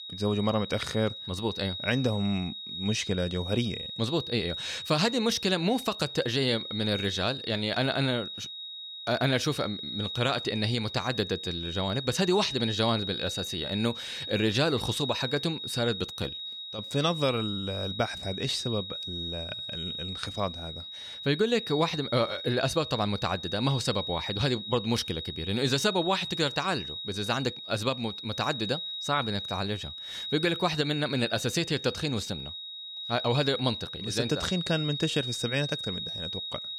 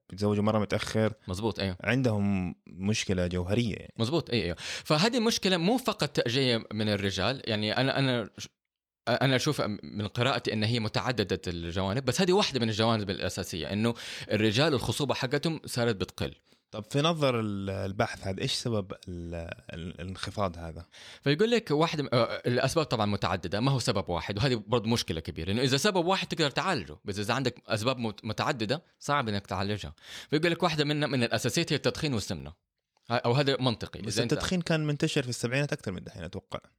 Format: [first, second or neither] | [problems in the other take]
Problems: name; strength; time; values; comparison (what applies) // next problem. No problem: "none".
second | high-pitched whine; loud; throughout; 4 kHz, 6 dB below the speech